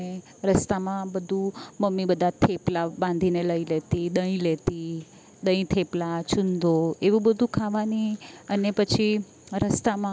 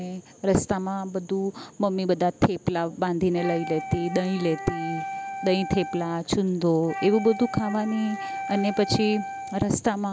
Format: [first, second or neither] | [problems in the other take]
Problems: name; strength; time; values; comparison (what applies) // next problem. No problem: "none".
first | background sound (Wind instrument, woodwind instrument); 10 dB below the speech